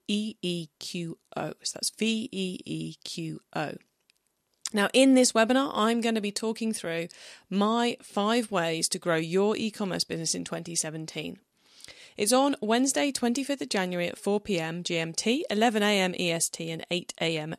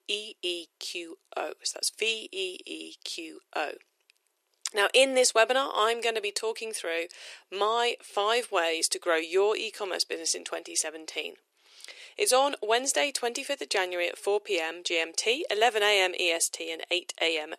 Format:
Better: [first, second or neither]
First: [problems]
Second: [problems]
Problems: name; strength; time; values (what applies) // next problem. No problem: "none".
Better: first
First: none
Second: thin; very; fading below 350 Hz